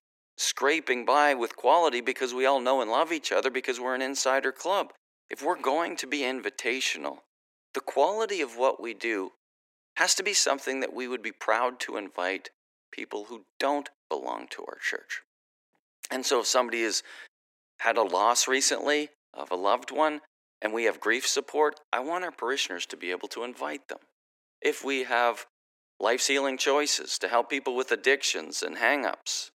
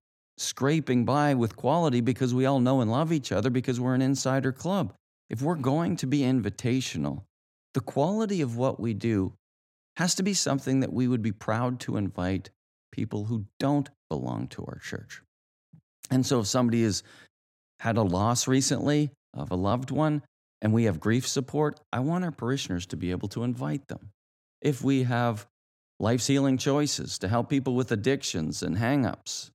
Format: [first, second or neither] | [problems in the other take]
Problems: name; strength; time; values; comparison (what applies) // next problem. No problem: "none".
second | thin; very; fading below 350 Hz